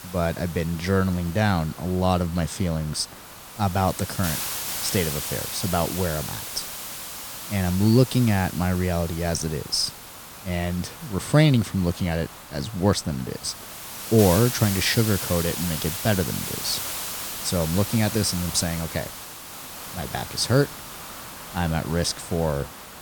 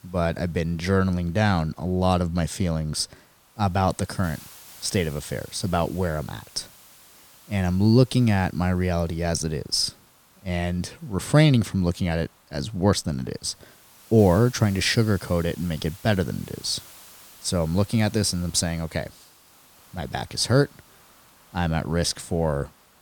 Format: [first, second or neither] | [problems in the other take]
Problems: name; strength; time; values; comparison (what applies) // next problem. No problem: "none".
second | hiss; loud; throughout; 8 dB below the speech; faint in the second